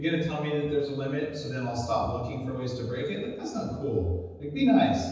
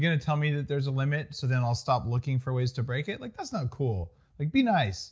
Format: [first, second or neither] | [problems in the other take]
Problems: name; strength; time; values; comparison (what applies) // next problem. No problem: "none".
second | room echo; dies away in 1.1 s